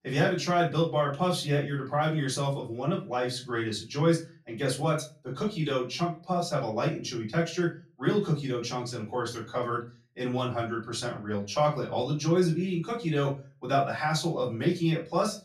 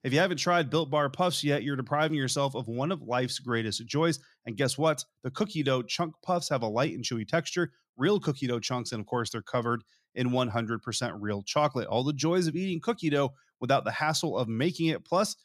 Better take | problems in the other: second | off-mic speech; far // room echo; slight; dies away in 0.3 s

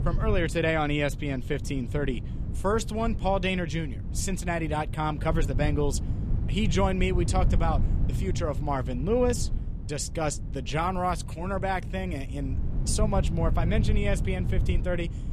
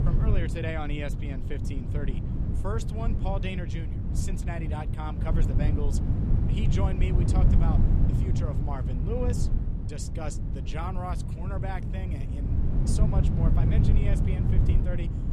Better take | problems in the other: first | wind noise on the microphone; heavy; 2 dB below the speech; occasional gusts in the first

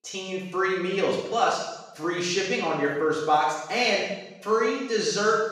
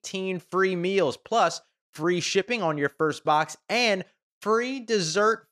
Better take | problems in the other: second | room echo; strong; dies away in 0.8 s // off-mic speech; far

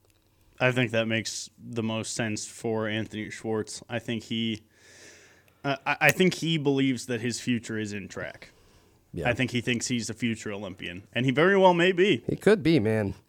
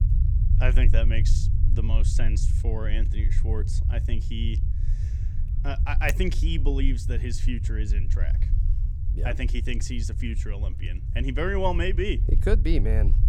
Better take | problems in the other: first | low rumble; noticeable; throughout; 10 dB below the speech

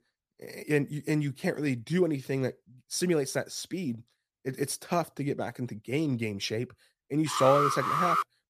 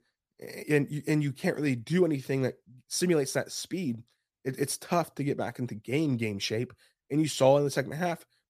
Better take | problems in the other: second | alarm; loud; at 7.5 s; peak 4 dB above the speech

